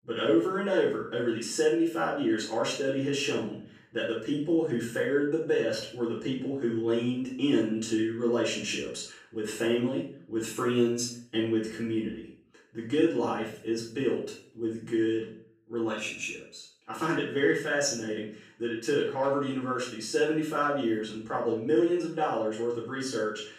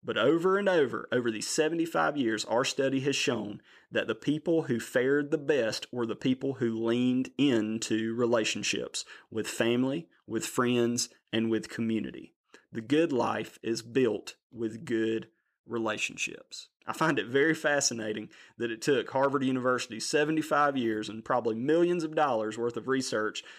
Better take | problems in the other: second | off-mic speech; far // room echo; noticeable; dies away in 0.4 s

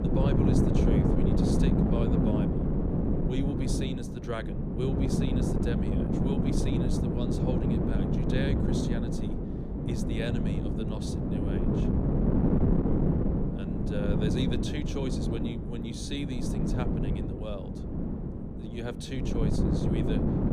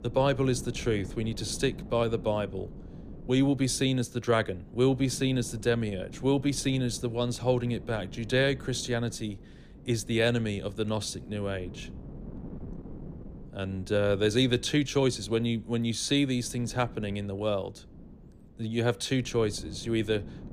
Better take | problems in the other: second | wind noise on the microphone; heavy; 5 dB above the speech; occasional gusts in the second

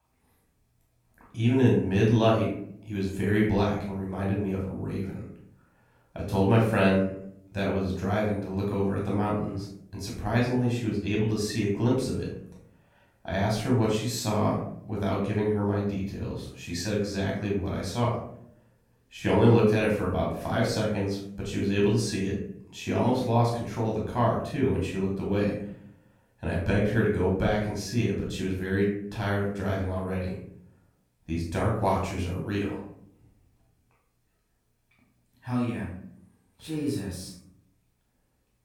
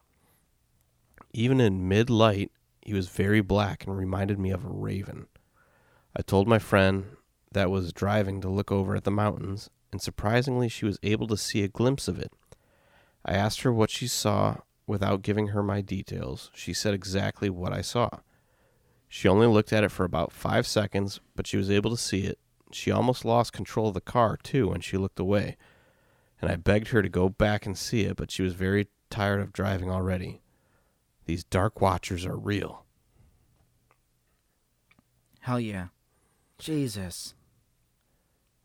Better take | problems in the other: second | off-mic speech; far // room echo; noticeable; dies away in 0.6 s

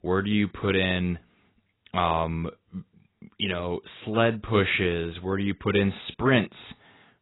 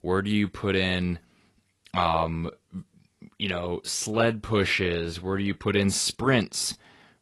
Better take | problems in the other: second | garbled, watery; badly; nothing above 4 kHz; slightly in the second

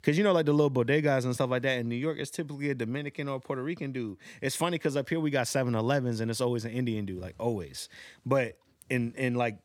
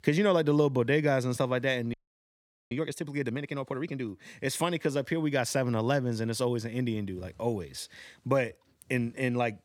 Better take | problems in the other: first | audio freezing; at 2 s for 1 s

